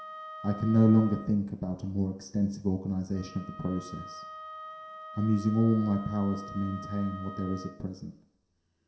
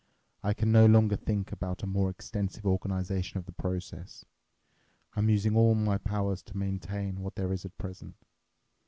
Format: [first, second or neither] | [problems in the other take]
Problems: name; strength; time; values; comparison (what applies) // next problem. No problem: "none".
second | background sound (Wind instrument, woodwind instrument); 16 dB below the speech // room echo; dies away in 0.7 s